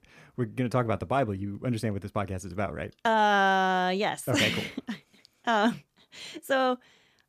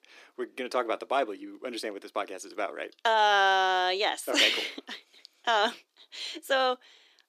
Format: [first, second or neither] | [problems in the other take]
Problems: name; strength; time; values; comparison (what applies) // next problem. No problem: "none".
first | thin; somewhat; fading below 300 Hz